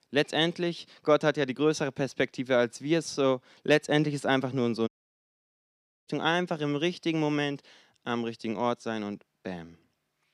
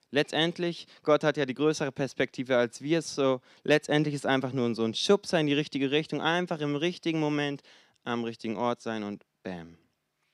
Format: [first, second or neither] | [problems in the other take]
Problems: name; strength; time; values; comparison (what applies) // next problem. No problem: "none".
second | audio cutting out; at 5 s for 1 s